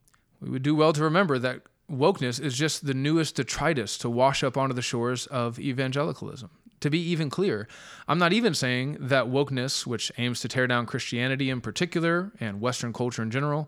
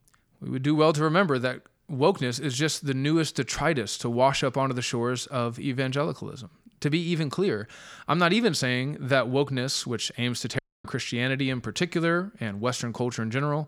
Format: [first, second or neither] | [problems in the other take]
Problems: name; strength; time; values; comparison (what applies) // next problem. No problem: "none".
first | audio cutting out; at 11 s